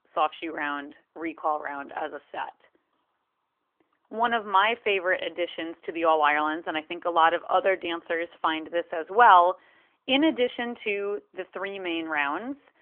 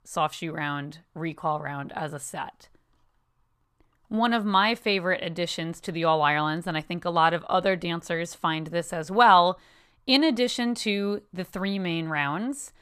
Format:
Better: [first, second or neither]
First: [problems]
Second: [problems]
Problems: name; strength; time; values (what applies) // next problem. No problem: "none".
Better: second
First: phone-call audio; nothing above 3.5 kHz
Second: none